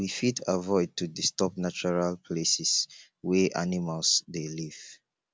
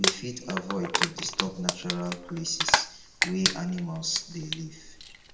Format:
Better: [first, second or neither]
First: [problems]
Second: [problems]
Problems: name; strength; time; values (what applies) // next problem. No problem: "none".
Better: first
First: none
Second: background sound (Crumpling, crinkling); 2 dB above the speech // room echo; dies away in 0.9 s